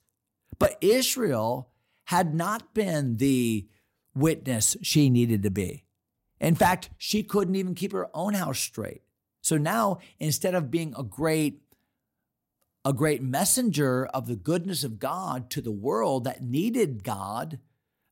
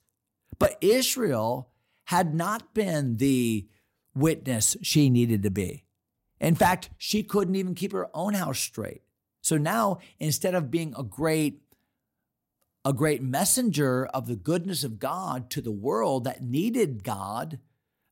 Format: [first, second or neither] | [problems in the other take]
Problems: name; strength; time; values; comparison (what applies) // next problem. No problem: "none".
neither | none